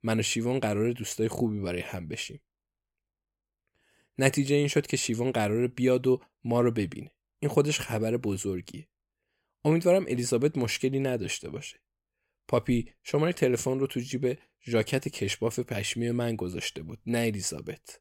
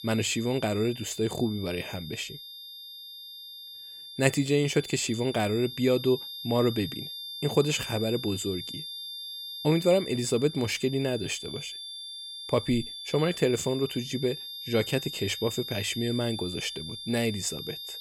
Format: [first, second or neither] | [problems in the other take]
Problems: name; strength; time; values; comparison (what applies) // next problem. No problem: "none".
first | high-pitched whine; loud; throughout; 3.5 kHz, 9 dB below the speech